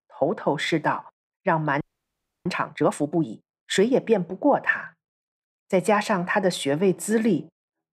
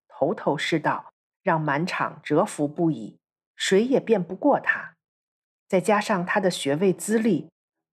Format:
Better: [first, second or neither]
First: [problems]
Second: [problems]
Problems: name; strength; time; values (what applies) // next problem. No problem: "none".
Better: second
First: audio freezing; at 2 s for 0.5 s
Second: none